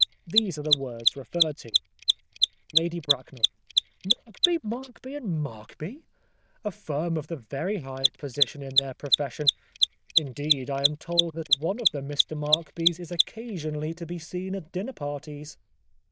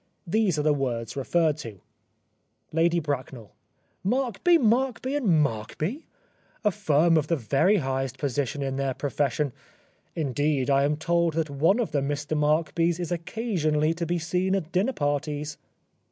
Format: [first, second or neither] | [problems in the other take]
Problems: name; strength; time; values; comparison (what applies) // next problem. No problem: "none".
second | noise reduction (neural diffusion model UNIVERSE++)